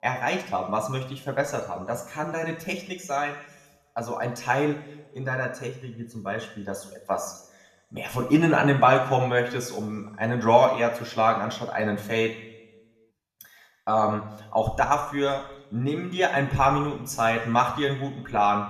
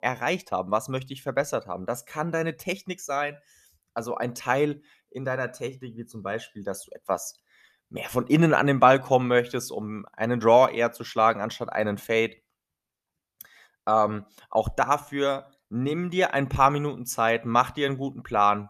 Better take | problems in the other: second | room echo; slight; dies away in 0.9 s // off-mic speech; somewhat distant

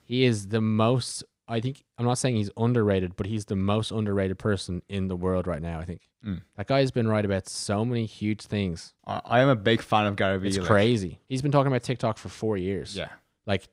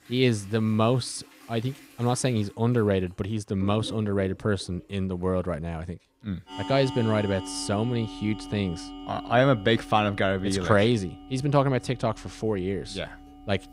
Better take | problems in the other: first | household noises; noticeable; throughout; 15 dB below the speech

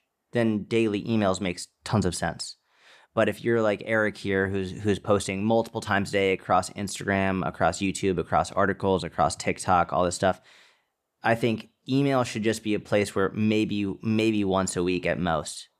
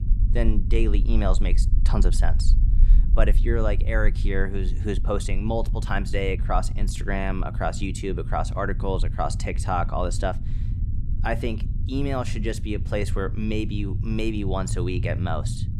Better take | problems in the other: first | low rumble; noticeable; throughout; 15 dB below the speech

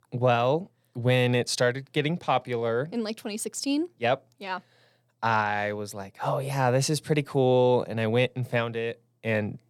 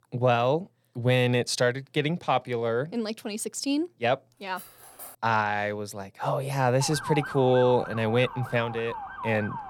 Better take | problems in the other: first | clattering dishes; faint; at 4.5 s; peak 15 dB below the speech // siren; noticeable; from 7 s on; peak 6 dB below the speech

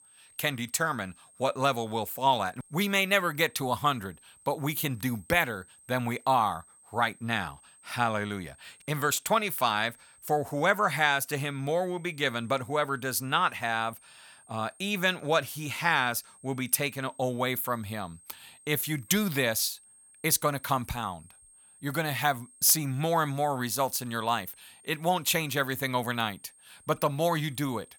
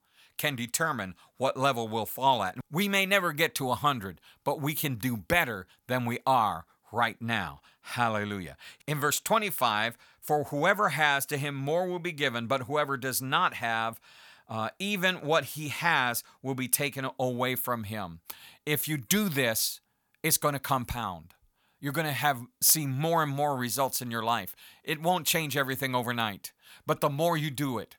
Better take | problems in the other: second | high-pitched whine; faint; throughout; 8.5 kHz, 25 dB below the speech

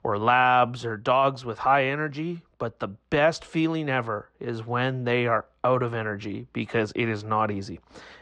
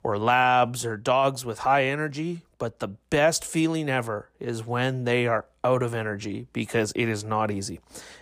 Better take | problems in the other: second | muffled; slightly; fading above 4 kHz

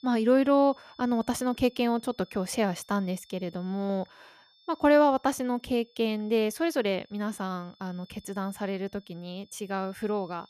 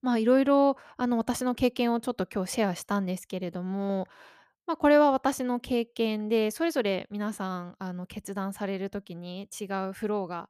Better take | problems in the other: second | high-pitched whine; faint; throughout; 3.5 kHz, 30 dB below the speech

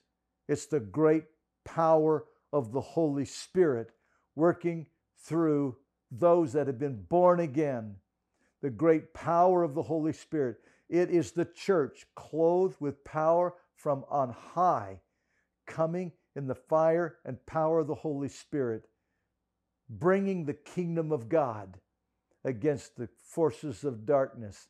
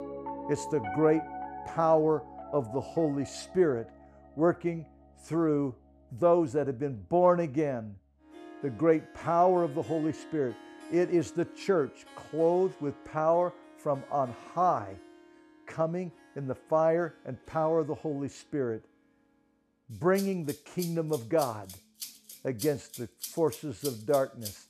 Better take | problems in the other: first | background music; noticeable; throughout; 15 dB below the speech

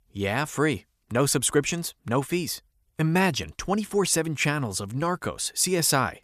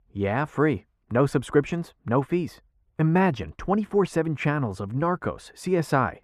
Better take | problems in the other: first | muffled; very; fading above 3 kHz

